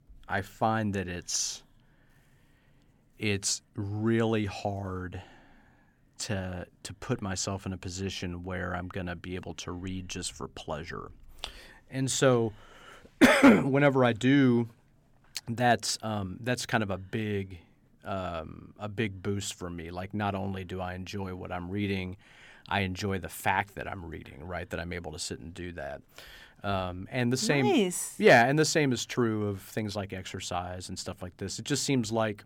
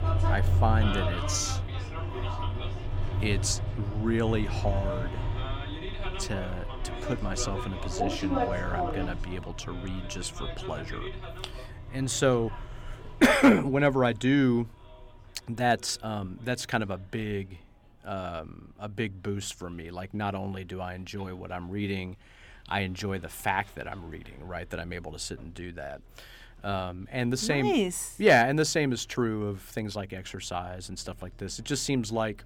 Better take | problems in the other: first | traffic noise; loud; throughout; 4 dB below the speech

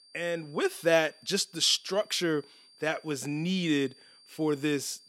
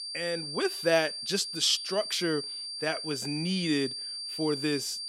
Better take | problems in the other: first | high-pitched whine; loud; throughout; 4.5 kHz, 5 dB below the speech; faint in the first

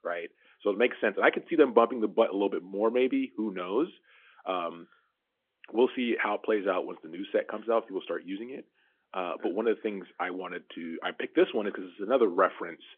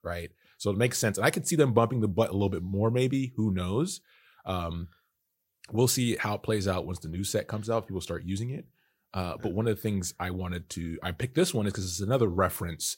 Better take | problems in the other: second | phone-call audio; nothing above 3.5 kHz

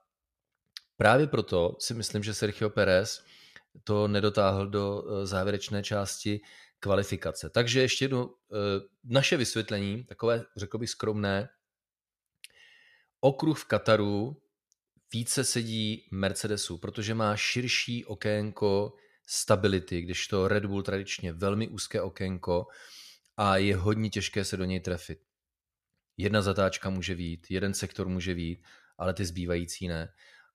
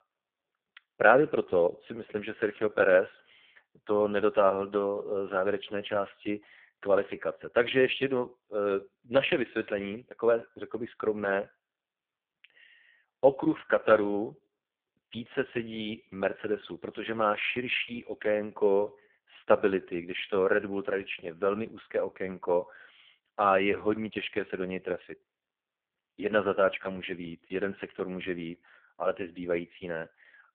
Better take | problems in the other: first | phone-call audio; poor line

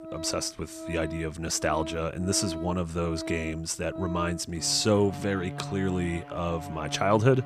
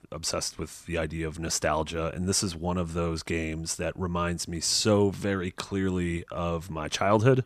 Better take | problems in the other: second | background music; noticeable; throughout; 10 dB below the speech

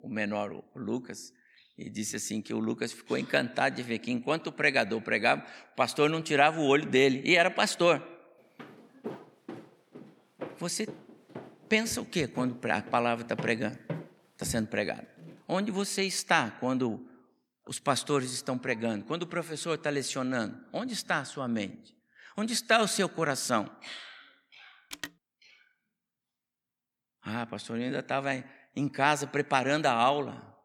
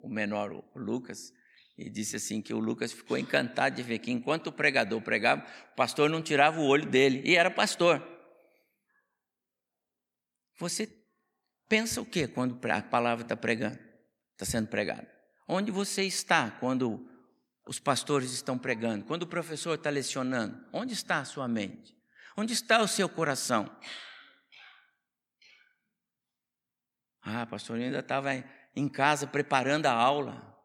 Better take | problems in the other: second | footsteps; faint; from 8.5 to 15 s; peak 10 dB below the speech // phone ringing; faint; at 25 s; peak 10 dB below the speech

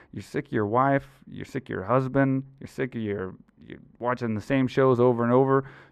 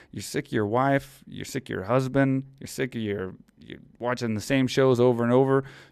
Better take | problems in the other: second | muffled; slightly; fading above 3 kHz

